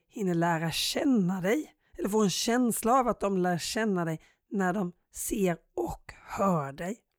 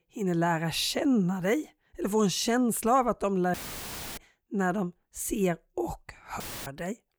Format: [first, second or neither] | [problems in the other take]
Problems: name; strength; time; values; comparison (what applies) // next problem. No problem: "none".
first | audio cutting out; filled with static; at 3.5 s for 0.5 s and at 6.5 s